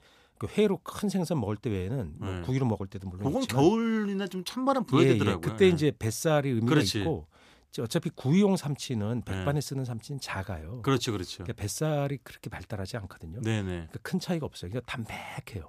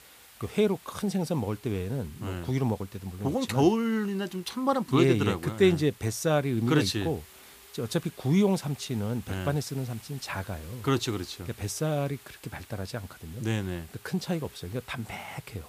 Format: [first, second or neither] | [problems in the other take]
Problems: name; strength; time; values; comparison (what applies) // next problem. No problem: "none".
first | hiss; faint; throughout; 20 dB below the speech